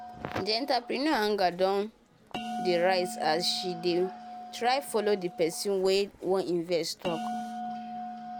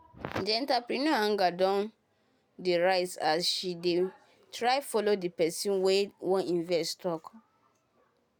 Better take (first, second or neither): second